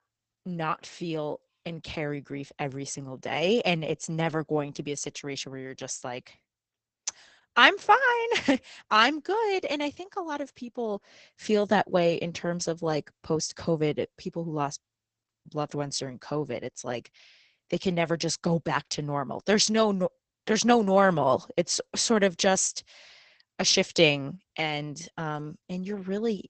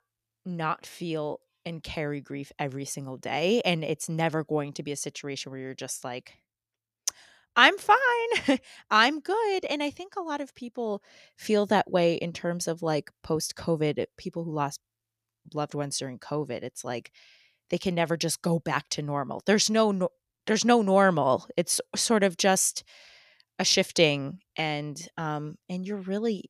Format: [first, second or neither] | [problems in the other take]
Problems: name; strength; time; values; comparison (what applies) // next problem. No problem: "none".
second | garbled, watery; badly; nothing above 8 kHz